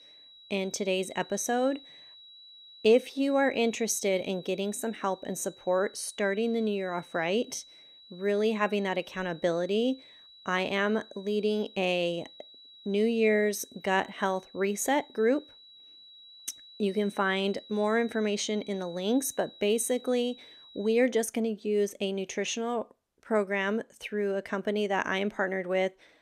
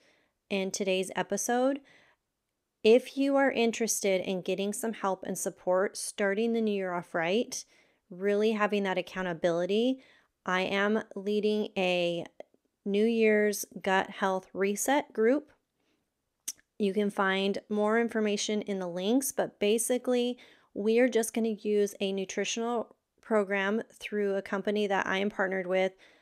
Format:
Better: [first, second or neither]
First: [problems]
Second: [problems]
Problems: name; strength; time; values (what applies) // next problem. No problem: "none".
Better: second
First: high-pitched whine; faint; until 21 s; 4 kHz, 20 dB below the speech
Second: none